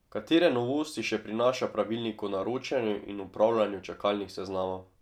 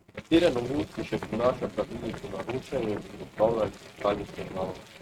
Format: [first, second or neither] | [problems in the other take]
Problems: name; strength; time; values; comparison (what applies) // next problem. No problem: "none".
first | noise reduction (neural mask model RNNoise)